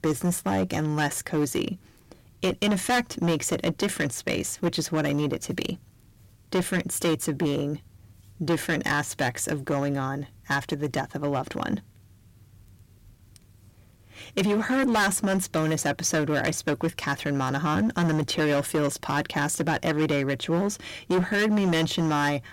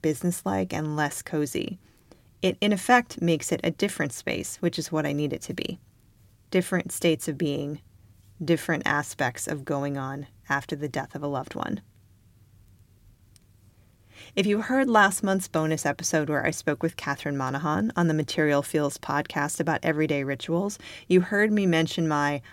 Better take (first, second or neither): second